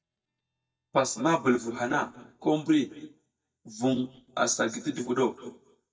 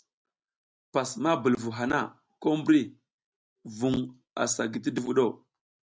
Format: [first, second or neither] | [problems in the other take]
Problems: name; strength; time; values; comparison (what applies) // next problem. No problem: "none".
second | noise reduction (neural mask model DeepFilterNet 3)